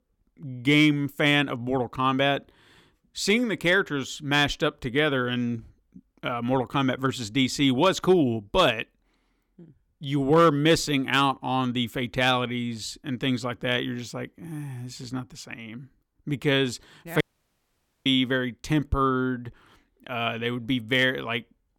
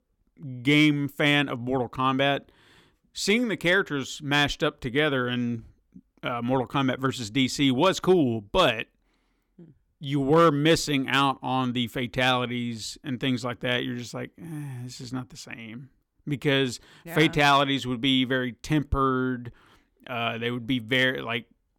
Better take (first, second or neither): second